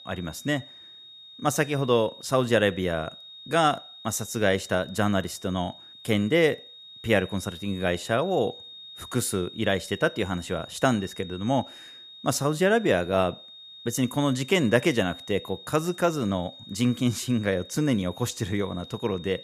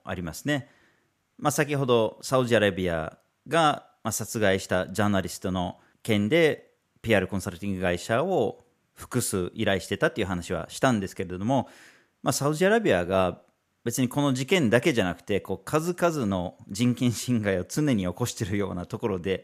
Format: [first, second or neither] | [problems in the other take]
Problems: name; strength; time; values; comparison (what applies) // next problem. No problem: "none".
second | high-pitched whine; noticeable; throughout; 3.5 kHz, 15 dB below the speech